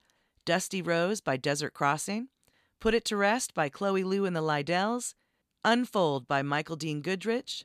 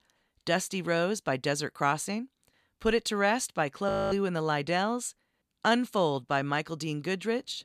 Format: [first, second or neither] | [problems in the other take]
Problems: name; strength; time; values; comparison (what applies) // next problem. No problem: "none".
first | audio freezing; at 4 s